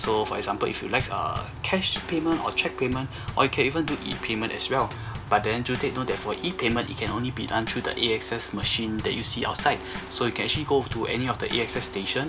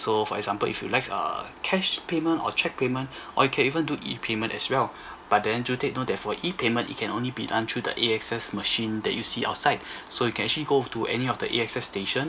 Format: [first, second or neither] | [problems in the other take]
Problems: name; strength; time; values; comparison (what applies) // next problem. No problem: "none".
second | background sound (Bass drum / Snare drum / Drum kit); 10 dB below the speech